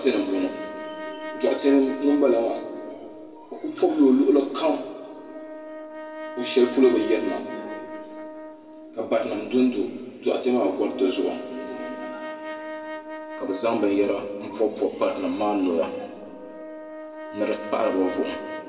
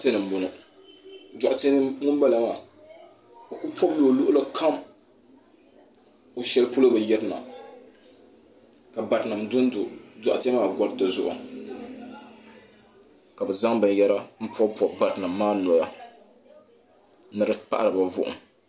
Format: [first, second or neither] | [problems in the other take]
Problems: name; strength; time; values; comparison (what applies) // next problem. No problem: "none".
second | background sound (Brass instrument); 13 dB below the speech // room echo; dies away in 1.6 s